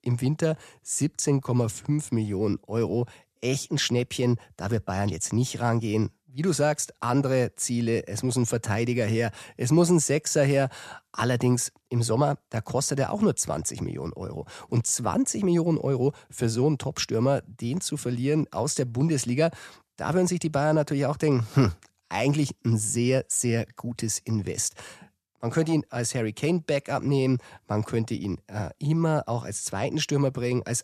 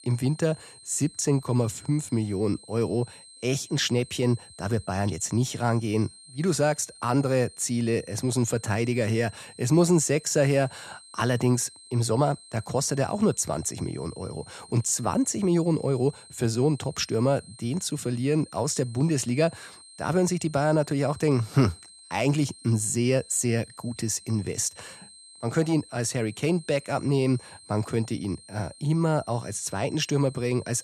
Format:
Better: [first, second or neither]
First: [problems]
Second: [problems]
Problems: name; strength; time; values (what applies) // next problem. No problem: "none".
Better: first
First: none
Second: high-pitched whine; faint; throughout; 4 kHz, 20 dB below the speech